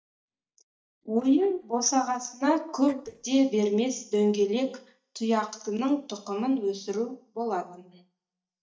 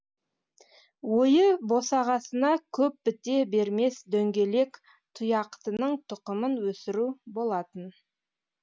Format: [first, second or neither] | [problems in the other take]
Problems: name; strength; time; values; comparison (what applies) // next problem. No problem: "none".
second | noise reduction (neural mask model DeepFilterNet 3)